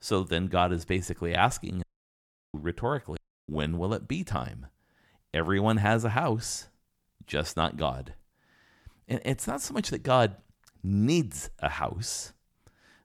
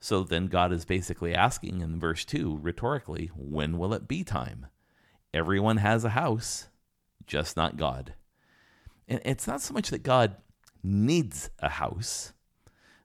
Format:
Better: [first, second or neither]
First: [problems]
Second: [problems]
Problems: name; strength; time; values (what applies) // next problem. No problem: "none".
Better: second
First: audio cutting out; at 2 s for 0.5 s and at 3 s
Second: none